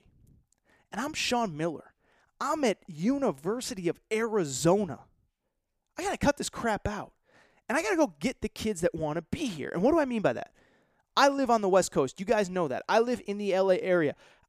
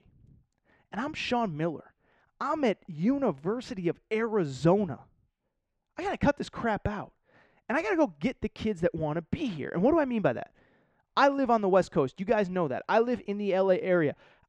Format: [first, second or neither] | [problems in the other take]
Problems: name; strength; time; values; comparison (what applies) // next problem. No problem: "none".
first | muffled; slightly; fading above 3 kHz